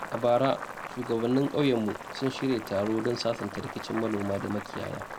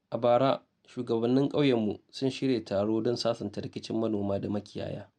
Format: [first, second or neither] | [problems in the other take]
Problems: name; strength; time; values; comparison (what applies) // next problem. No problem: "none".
second | background sound (Boiling); 11 dB below the speech